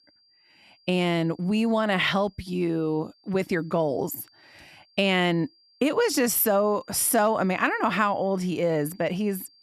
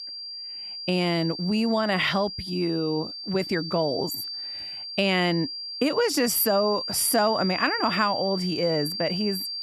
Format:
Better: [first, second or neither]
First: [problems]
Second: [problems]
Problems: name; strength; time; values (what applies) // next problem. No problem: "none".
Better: first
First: high-pitched whine; faint; throughout; 4.5 kHz, 30 dB below the speech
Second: high-pitched whine; loud; throughout; 4.5 kHz, 6 dB below the speech